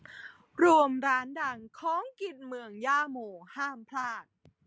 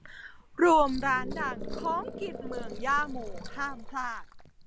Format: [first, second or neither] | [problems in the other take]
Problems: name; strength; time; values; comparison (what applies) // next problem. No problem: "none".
first | background sound (Animal + Liquid); 8 dB below the speech